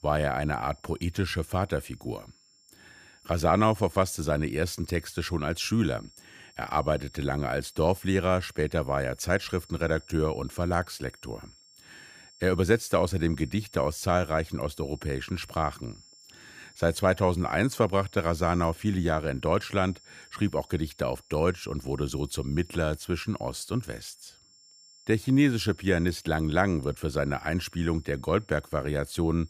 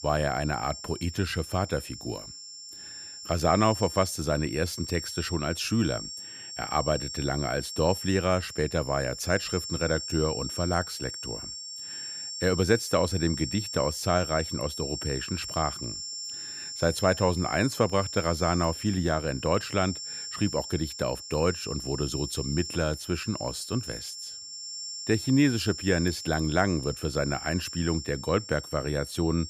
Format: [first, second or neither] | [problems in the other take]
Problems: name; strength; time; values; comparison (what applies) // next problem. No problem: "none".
first | high-pitched whine; loud; throughout; 5.5 kHz, 8 dB below the speech; faint in the first